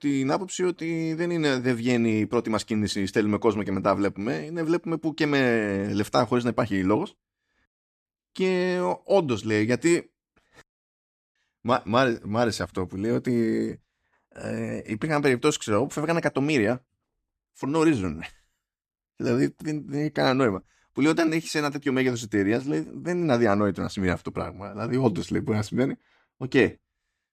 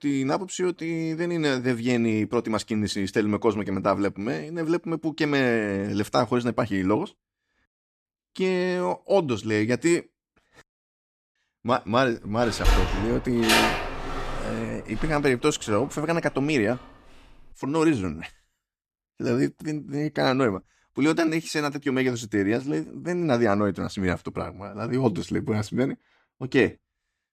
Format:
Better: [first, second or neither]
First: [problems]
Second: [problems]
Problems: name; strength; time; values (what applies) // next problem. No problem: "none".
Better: first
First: none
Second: door banging; loud; from 13 to 15 s; peak 5 dB above the speech